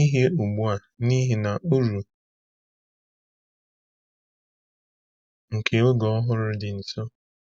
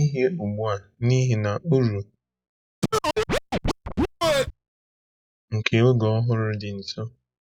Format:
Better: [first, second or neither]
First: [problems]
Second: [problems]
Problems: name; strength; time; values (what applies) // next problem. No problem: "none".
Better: first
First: none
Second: noise reduction (classical method log-MMSE)